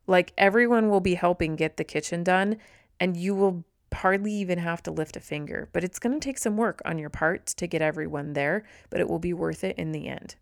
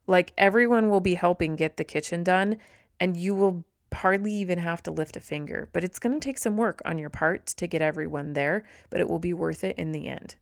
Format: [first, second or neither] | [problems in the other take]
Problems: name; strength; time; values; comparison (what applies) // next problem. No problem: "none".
first | garbled, watery; slightly; nothing above 19 kHz